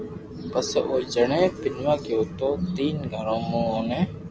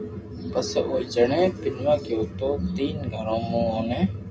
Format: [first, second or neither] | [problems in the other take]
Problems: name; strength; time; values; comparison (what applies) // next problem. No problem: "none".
first | room echo; dies away in 0.2 s